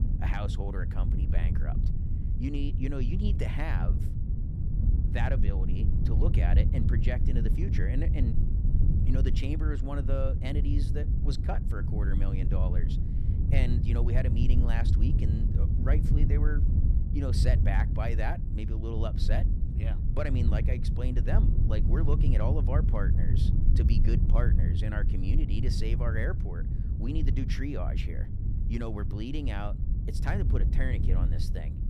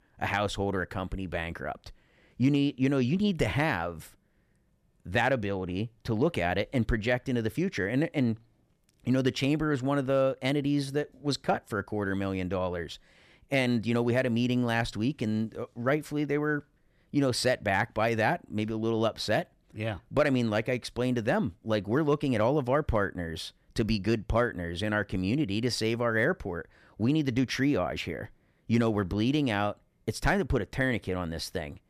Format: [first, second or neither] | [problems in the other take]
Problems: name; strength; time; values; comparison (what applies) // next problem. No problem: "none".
second | wind noise on the microphone; heavy; 4 dB below the speech